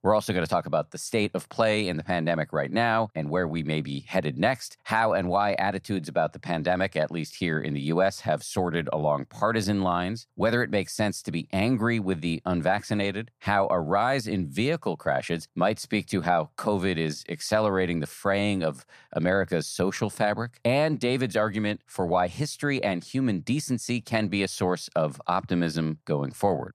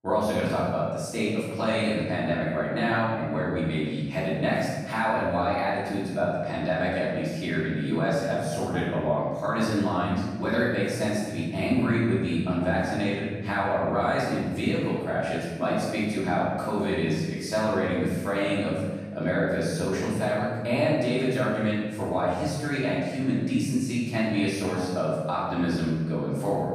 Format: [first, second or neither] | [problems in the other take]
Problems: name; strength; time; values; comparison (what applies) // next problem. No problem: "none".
first | off-mic speech; far // room echo; strong; dies away in 1.2 s